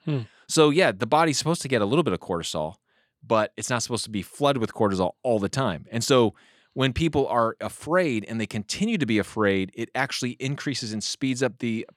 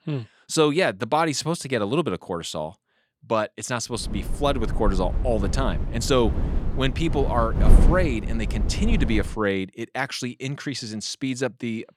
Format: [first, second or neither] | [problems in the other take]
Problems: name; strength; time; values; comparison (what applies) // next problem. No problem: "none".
first | wind noise on the microphone; occasional gusts; from 4 to 9.5 s; 10 dB below the speech